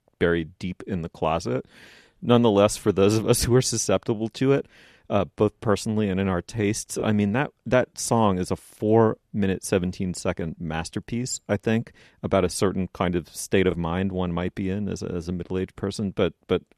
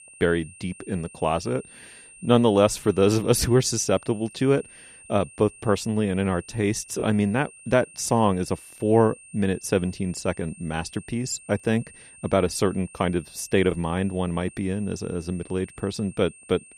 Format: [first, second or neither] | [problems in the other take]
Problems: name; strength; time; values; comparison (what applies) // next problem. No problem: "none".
first | high-pitched whine; faint; throughout; 9 kHz, 20 dB below the speech